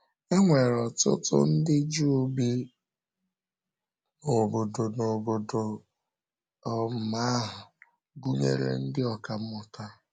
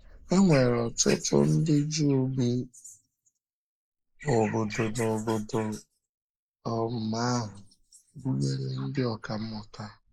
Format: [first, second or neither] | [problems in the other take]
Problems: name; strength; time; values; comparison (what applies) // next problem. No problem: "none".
first | noise reduction (neural mask model Resemble Enhance denoiser)